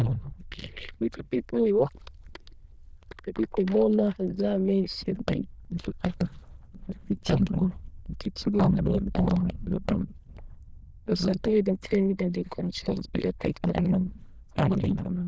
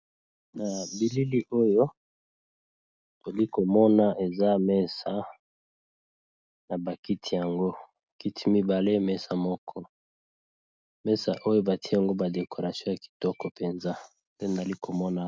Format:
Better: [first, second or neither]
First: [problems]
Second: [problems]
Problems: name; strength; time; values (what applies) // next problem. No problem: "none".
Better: second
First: noise reduction (neural diffusion model UNIVERSE++)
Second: none